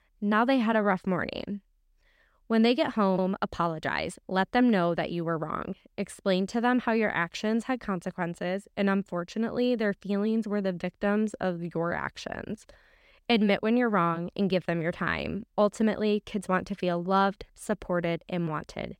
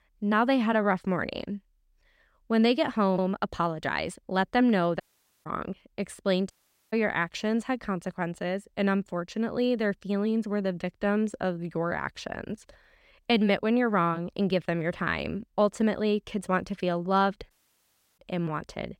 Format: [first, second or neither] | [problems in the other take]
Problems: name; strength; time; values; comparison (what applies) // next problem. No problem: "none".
first | audio cutting out; at 5 s, at 6.5 s and at 18 s for 0.5 s